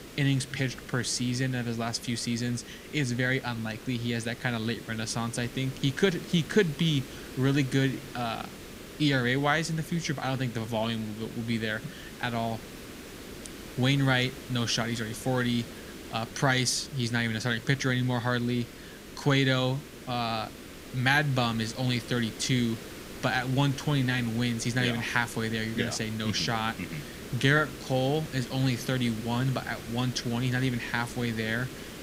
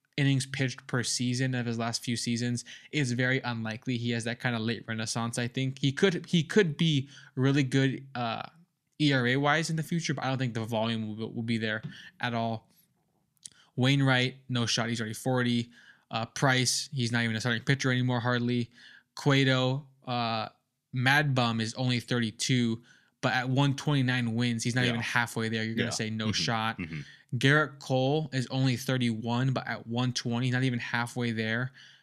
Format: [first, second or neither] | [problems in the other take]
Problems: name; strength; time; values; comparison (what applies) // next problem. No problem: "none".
second | hiss; noticeable; throughout; 15 dB below the speech